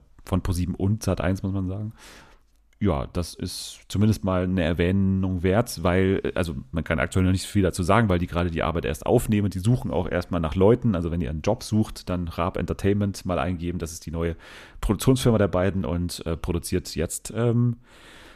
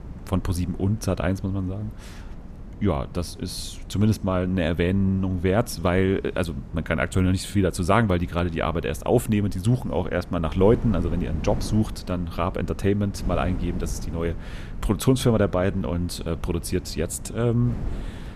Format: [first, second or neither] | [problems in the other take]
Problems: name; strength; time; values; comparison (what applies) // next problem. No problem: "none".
first | wind noise on the microphone; occasional gusts; 20 dB below the speech